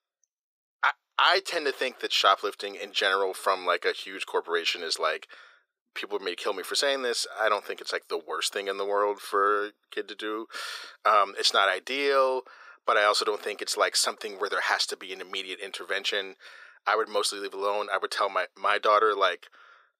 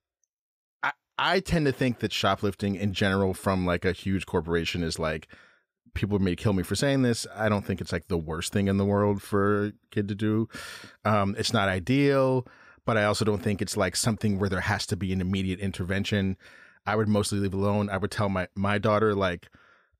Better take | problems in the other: second | thin; very; fading below 400 Hz

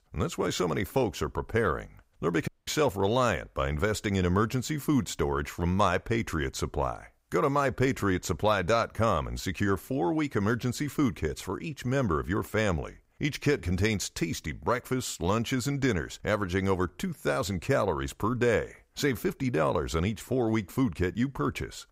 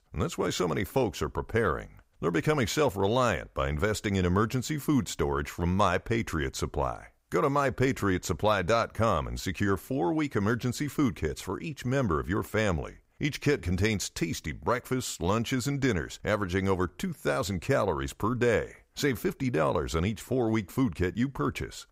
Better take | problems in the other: second | audio cutting out; at 2.5 s

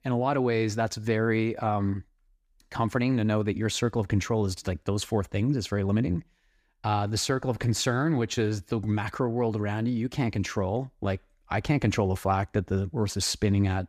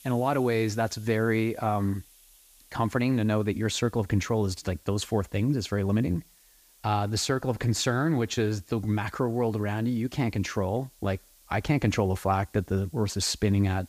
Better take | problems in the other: first | hiss; faint; throughout; 25 dB below the speech

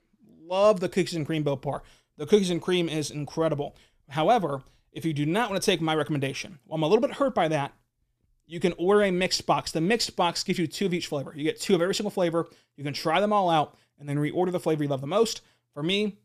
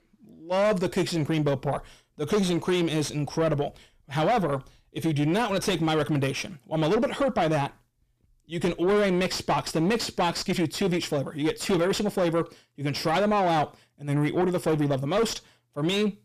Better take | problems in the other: first | distortion; heavy; 7 dB below the speech

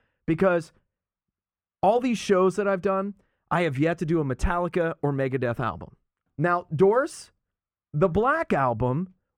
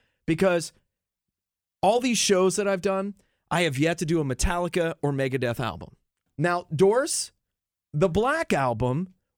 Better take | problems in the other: second | muffled; slightly; fading above 3 kHz

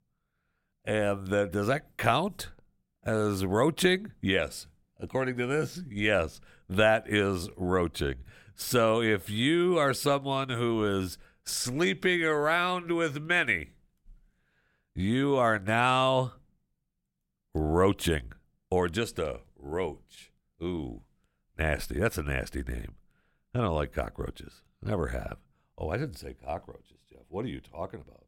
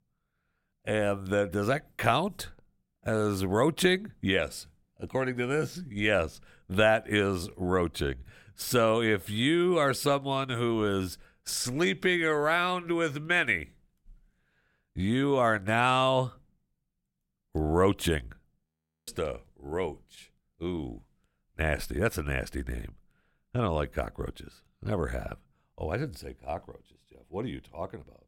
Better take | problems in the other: first | audio freezing; at 19 s

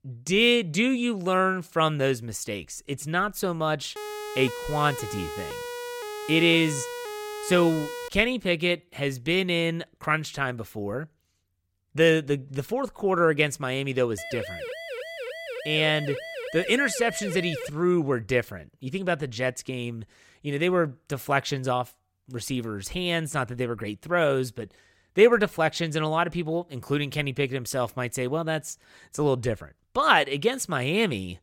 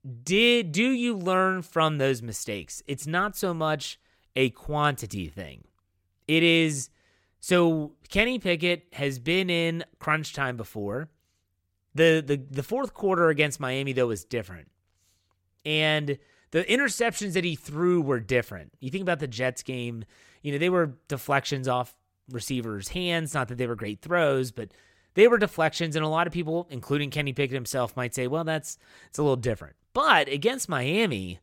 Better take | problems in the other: second | siren; noticeable; from 4 to 8 s and from 14 to 18 s; peak 9 dB below the speech

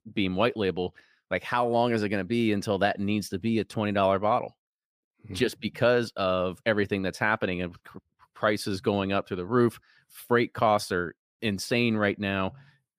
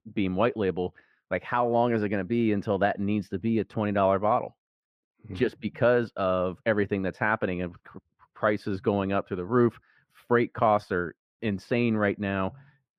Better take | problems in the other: first | muffled; slightly; fading above 3.5 kHz

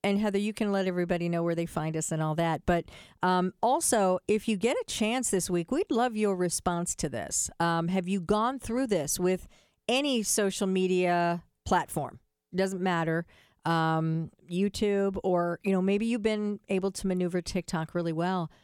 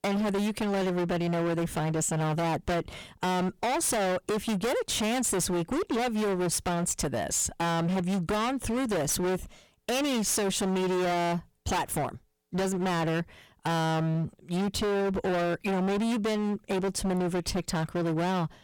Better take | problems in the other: first | distortion; heavy; 37% of the sound clipped

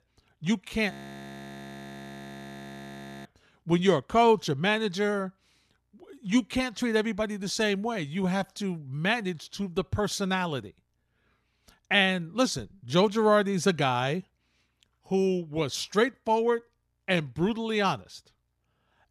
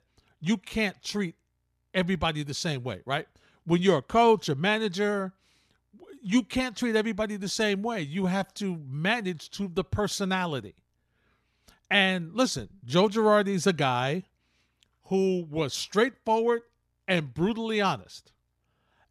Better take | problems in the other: second | audio freezing; at 1 s for 2.5 s

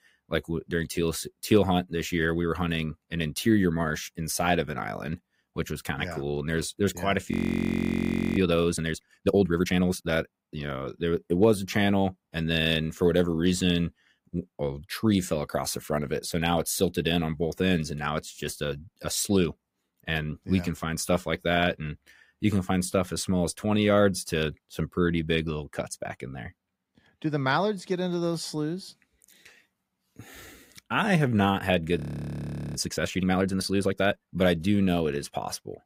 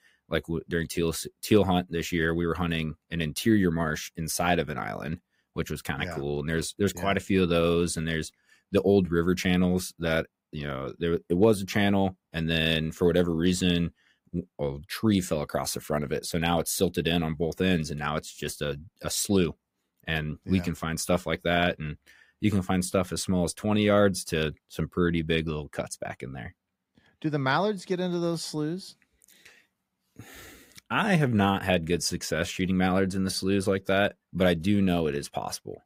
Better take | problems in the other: second | audio freezing; at 7.5 s for 1 s and at 32 s for 1 s

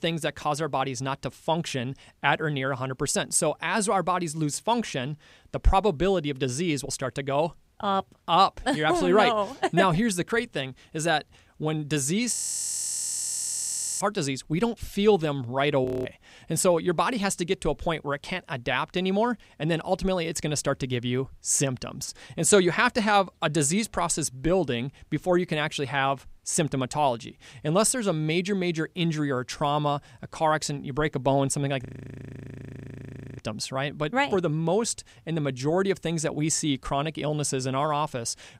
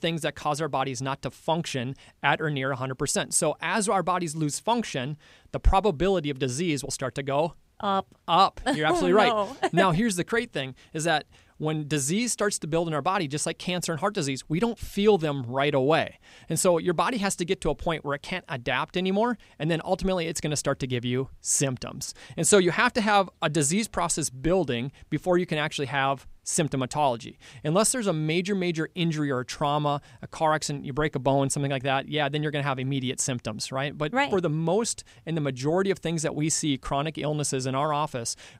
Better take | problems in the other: second | audio freezing; at 12 s for 1.5 s, at 16 s and at 32 s for 1.5 s

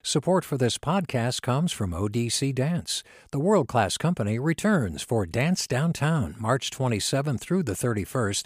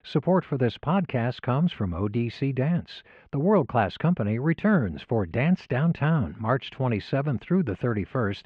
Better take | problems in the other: first | muffled; very; fading above 3 kHz

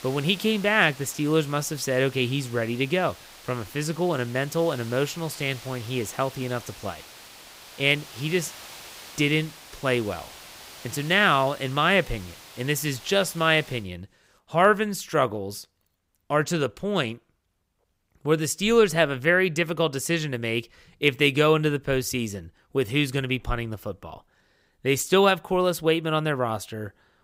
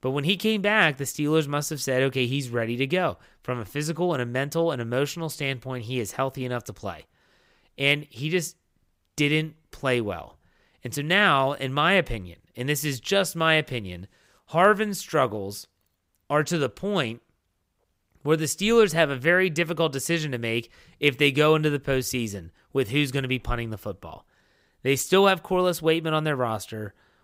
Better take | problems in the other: second | hiss; noticeable; until 14 s; 20 dB below the speech

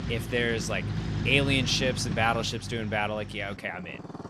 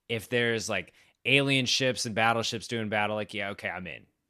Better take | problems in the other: second | traffic noise; loud; throughout; 7 dB below the speech

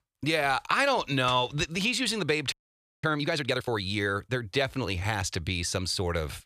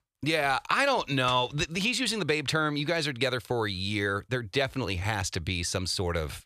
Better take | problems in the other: second | audio freezing; at 2.5 s for 0.5 s

